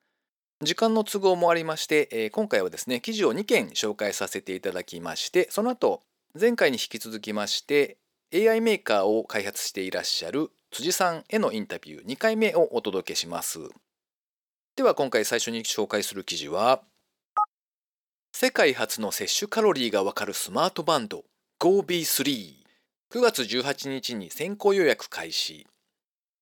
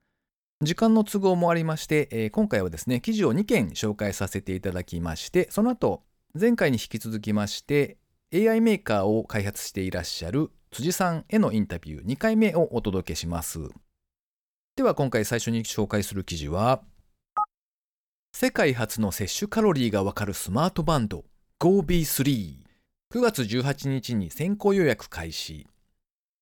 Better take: second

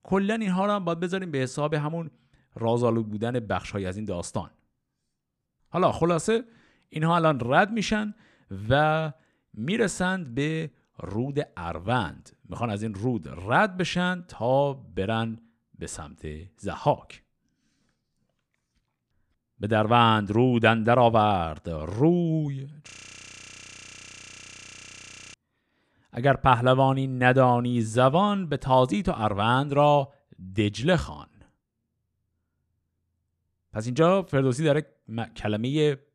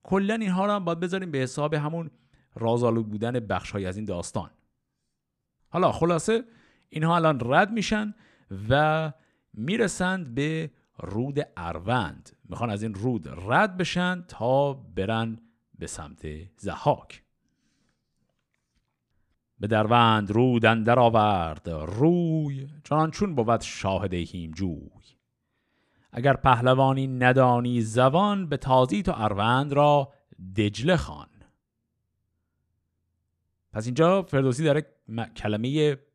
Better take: second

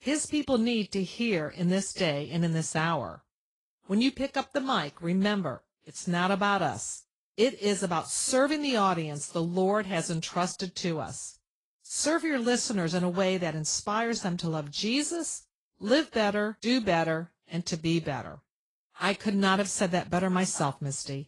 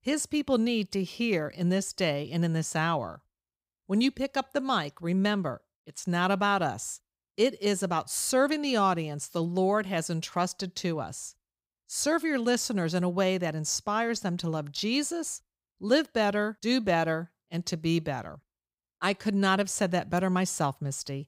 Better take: second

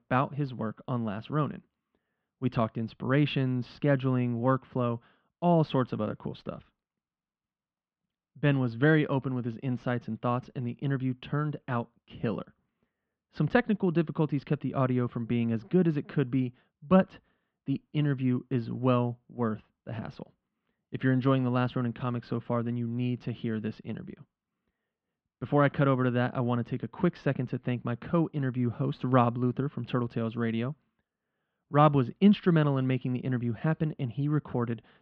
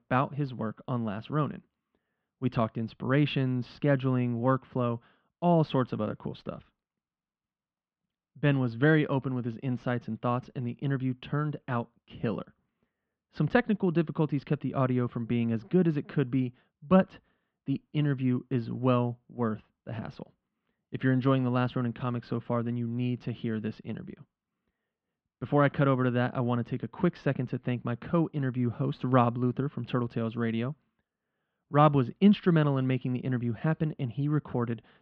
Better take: neither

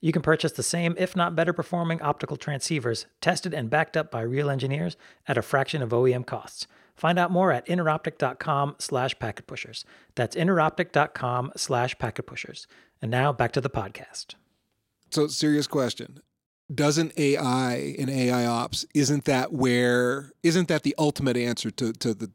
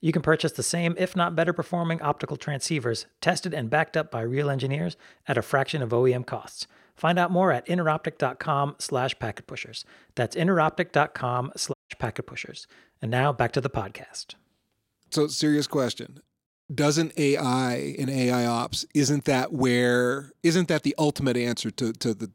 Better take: first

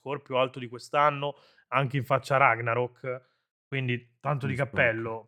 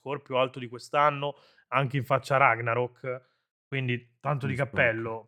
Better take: neither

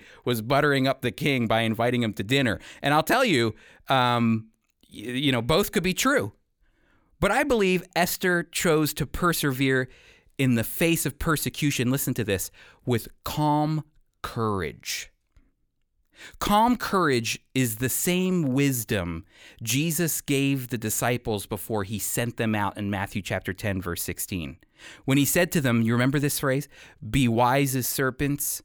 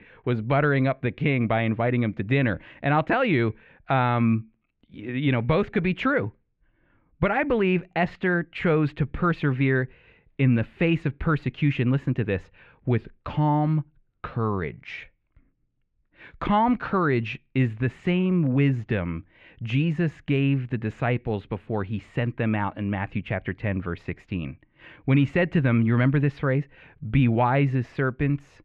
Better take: first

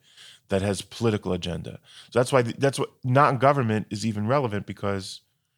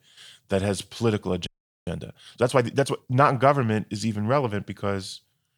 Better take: first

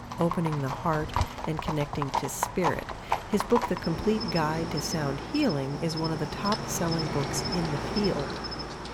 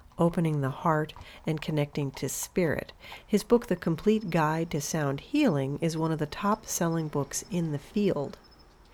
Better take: second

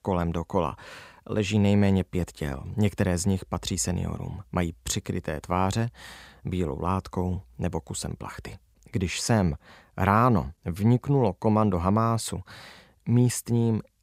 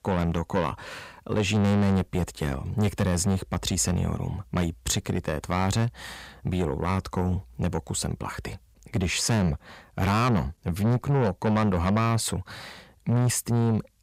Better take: first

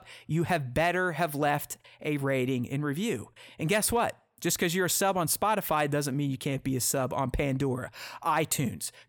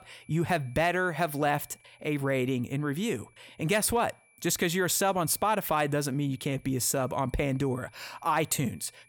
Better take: first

